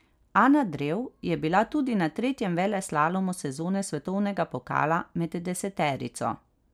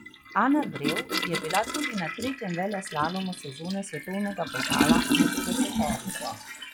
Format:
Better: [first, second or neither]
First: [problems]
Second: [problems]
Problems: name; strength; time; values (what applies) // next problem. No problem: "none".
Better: first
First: none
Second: noise reduction (classical method log-MMSE)